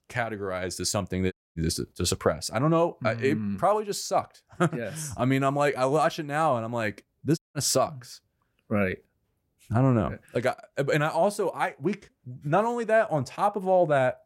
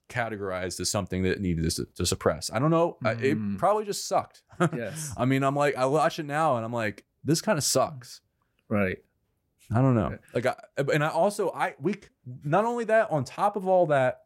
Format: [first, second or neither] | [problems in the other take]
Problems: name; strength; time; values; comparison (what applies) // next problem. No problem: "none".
second | audio cutting out; at 1.5 s and at 7.5 s